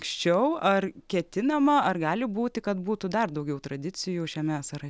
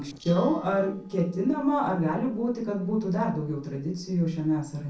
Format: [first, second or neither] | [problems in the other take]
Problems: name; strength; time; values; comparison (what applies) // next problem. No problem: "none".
first | noise reduction (neural separator model SepFormer DNS4)